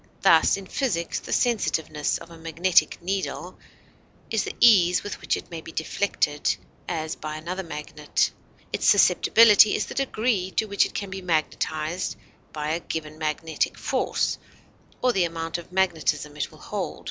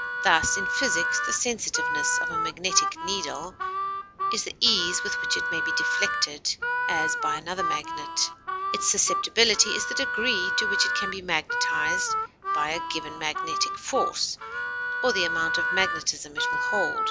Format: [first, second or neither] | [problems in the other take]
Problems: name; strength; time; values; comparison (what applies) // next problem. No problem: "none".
first | background sound (Harmonica); as loud as the speech